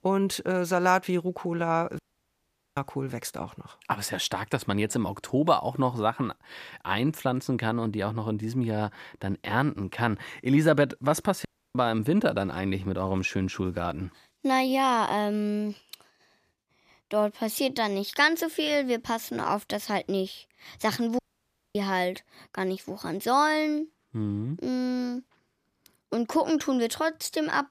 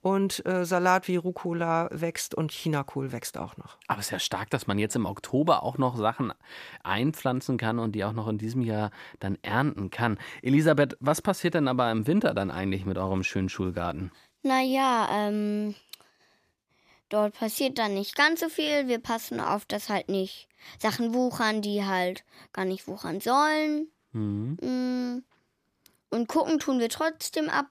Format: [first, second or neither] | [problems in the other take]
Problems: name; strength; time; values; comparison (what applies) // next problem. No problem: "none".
second | audio cutting out; at 2 s for 1 s, at 11 s and at 21 s for 0.5 s